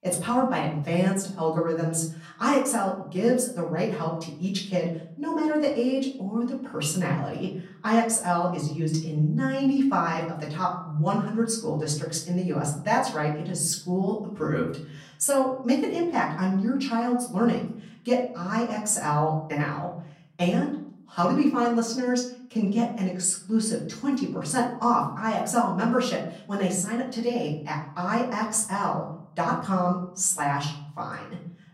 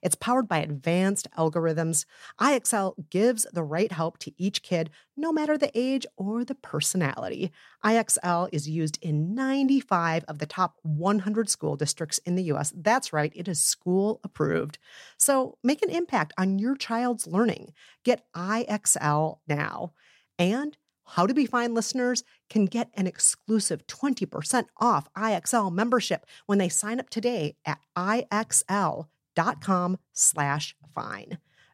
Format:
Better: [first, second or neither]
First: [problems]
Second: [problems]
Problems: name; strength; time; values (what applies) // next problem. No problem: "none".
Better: second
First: off-mic speech; far // room echo; slight; dies away in 0.6 s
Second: none